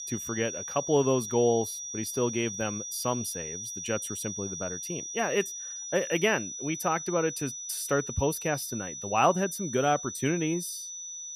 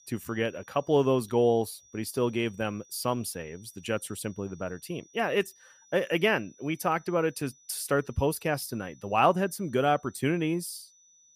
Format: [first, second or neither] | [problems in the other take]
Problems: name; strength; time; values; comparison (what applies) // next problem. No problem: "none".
second | high-pitched whine; loud; throughout; 6 kHz, 6 dB below the speech; faint in the second